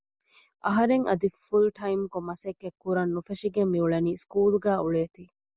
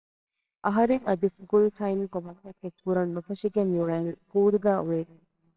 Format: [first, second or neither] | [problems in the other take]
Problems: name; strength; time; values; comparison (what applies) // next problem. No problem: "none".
first | noise reduction (neural separator model SepFormer WHAMR!)